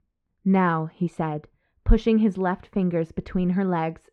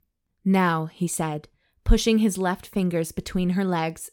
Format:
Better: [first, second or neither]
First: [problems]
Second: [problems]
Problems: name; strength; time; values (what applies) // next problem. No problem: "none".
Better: second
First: muffled; very; fading above 2 kHz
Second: none